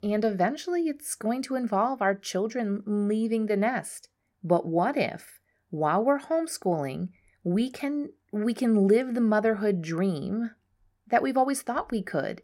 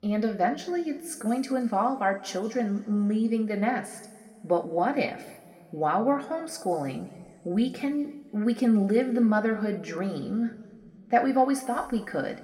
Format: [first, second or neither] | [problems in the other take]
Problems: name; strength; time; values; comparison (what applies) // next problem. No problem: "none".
first | room echo; slight; dies away in 2.1 s // off-mic speech; somewhat distant